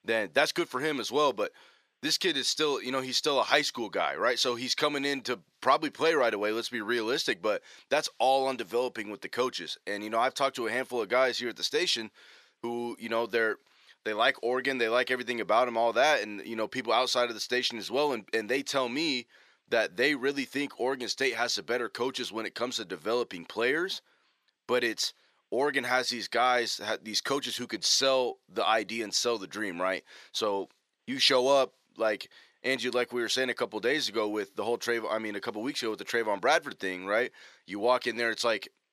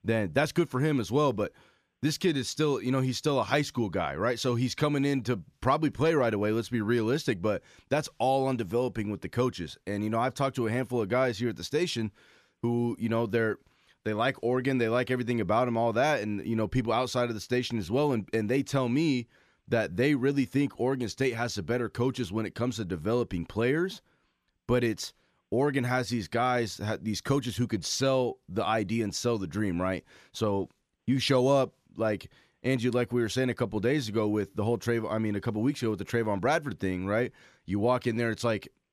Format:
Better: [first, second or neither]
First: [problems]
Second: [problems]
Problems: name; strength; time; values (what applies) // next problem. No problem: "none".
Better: second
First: thin; somewhat; fading below 450 Hz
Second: none